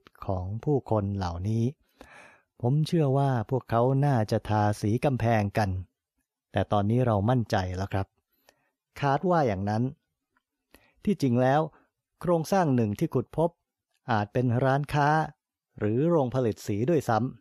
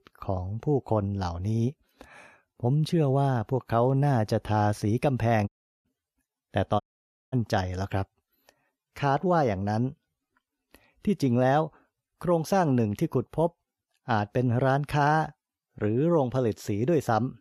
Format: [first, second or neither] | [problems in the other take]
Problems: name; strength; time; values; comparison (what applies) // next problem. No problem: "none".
first | audio cutting out; at 5.5 s and at 7 s for 0.5 s